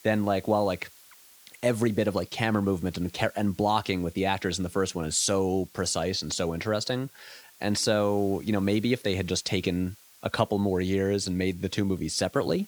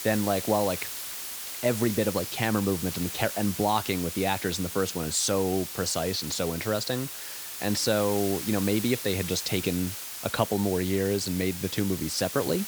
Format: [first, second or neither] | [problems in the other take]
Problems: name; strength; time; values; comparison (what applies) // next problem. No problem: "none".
first | hiss; loud; throughout; 6 dB below the speech; faint in the first